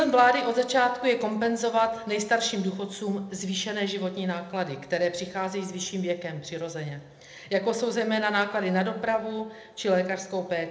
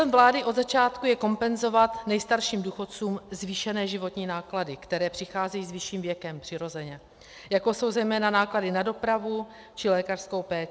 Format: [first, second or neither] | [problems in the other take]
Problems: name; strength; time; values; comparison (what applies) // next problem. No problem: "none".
second | room echo; dies away in 0.7 s